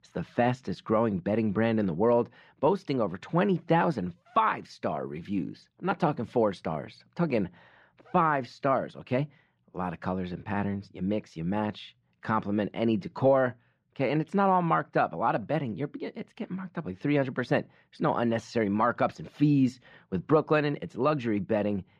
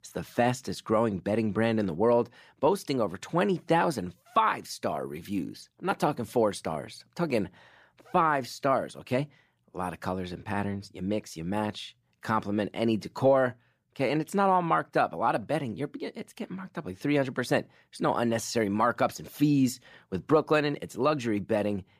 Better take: second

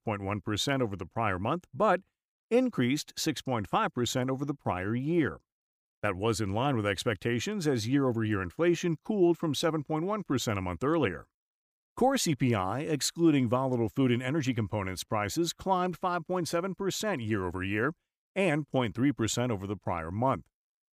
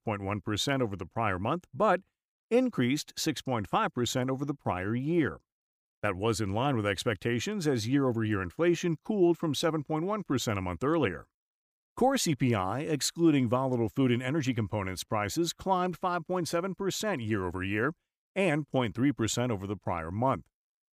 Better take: neither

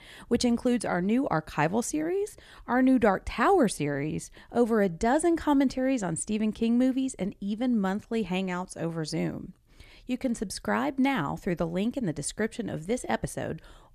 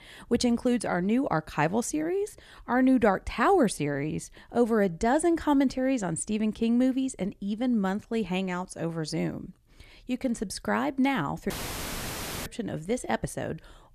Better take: first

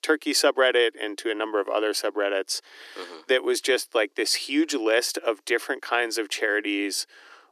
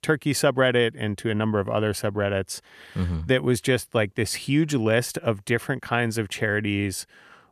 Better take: second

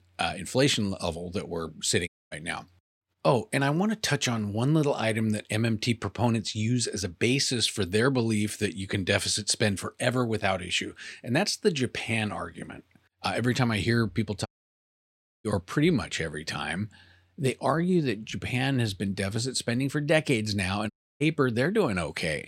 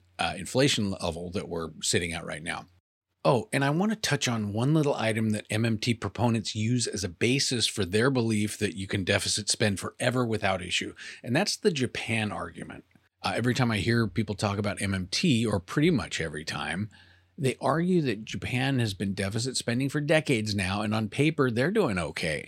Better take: second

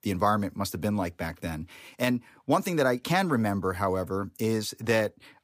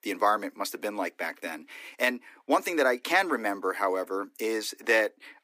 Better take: first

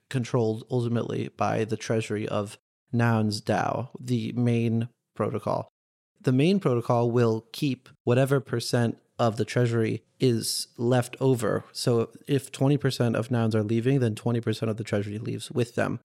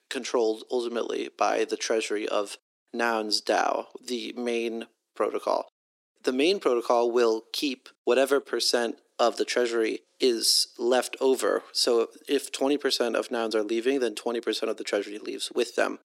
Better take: first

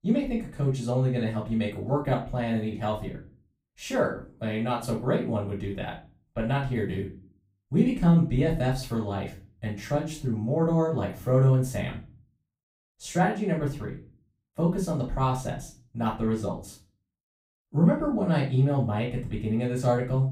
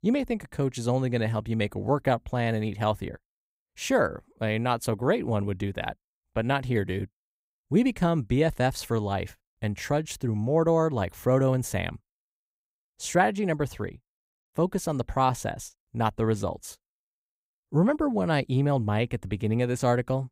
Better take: second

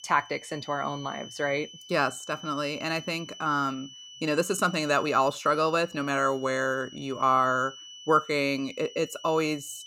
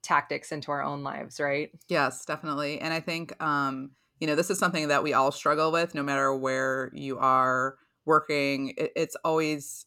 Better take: second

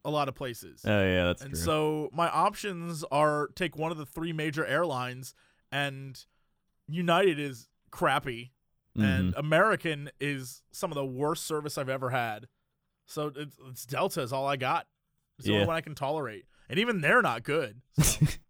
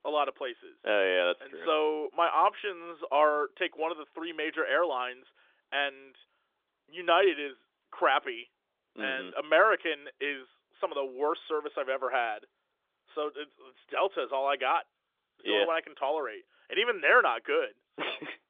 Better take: first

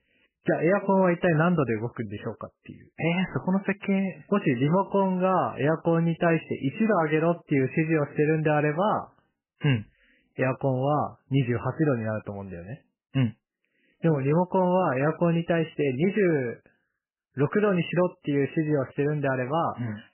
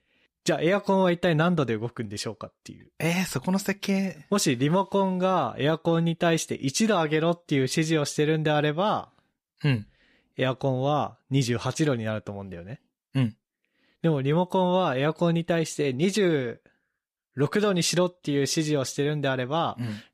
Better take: second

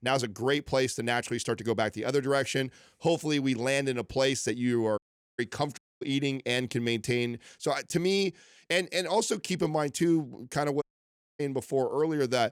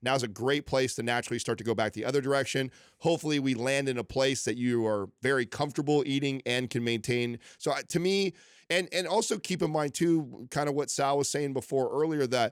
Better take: second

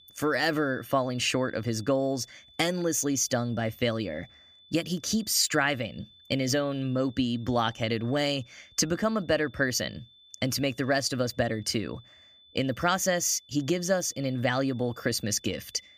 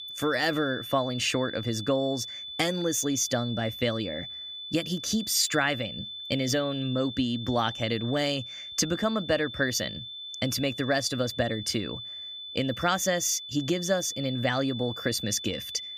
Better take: first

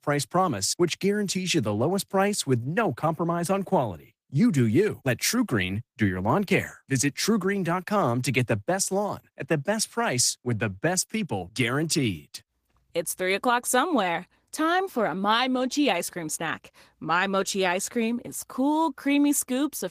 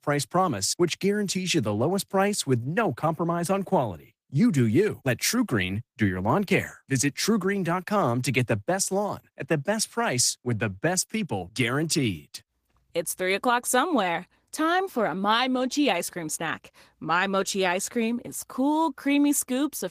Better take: neither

